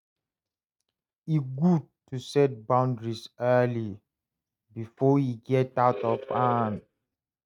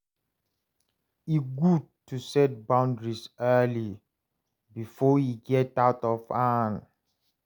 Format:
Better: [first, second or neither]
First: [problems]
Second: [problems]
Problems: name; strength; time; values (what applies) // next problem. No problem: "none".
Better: second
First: noise reduction (neural mask model RNNoise)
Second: none